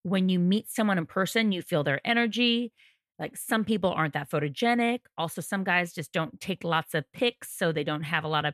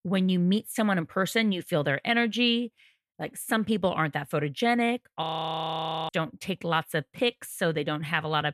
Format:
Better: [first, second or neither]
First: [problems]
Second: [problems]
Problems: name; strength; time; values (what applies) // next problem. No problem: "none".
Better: first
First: none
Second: audio freezing; at 5 s for 1 s